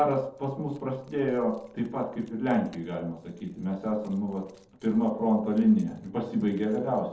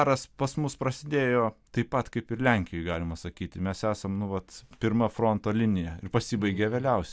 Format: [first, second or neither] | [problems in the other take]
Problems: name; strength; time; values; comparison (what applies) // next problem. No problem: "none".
second | noise reduction (neural separator model SepFormer DNS4)